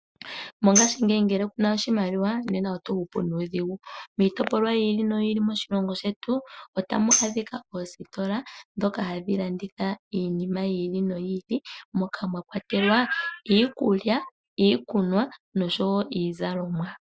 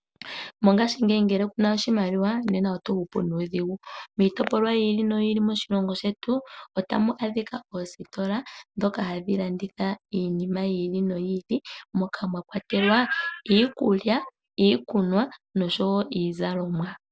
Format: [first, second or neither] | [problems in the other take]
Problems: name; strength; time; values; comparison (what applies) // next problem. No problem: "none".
second | noise reduction (classical method Wiener filter)